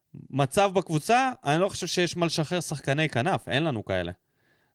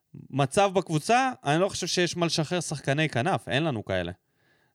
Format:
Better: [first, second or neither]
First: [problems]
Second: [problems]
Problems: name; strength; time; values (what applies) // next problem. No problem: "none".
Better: second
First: garbled, watery; slightly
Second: none